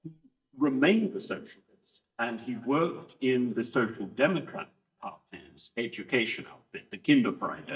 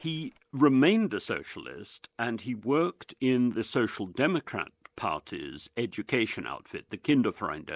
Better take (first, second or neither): second